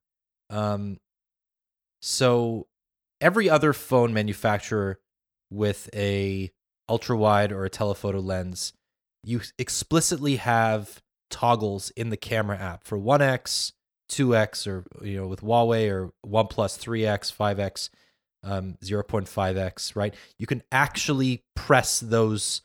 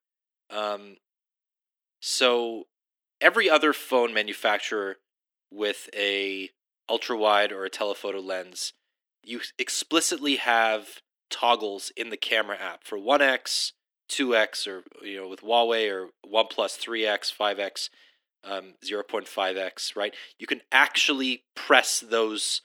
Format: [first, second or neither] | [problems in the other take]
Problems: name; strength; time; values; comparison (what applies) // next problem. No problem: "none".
first | thin; somewhat; fading below 300 Hz